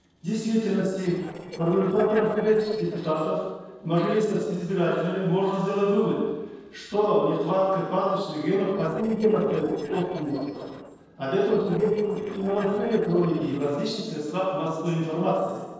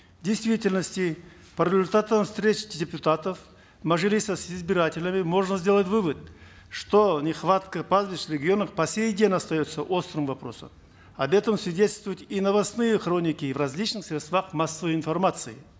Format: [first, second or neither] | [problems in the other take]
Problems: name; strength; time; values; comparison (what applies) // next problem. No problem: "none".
second | noise reduction (neural separator model SepFormer DNS4)